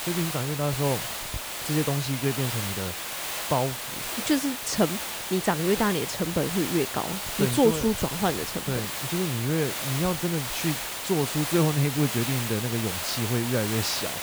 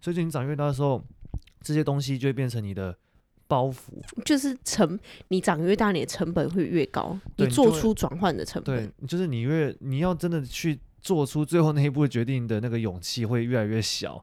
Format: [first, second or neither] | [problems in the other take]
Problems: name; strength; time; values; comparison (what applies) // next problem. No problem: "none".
second | hiss; loud; throughout; 3 dB below the speech